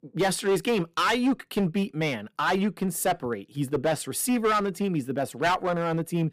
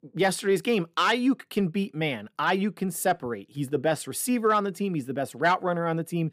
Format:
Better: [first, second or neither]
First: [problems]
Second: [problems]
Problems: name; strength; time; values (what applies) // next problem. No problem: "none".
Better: second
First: distortion; slight; 9% of the sound clipped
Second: none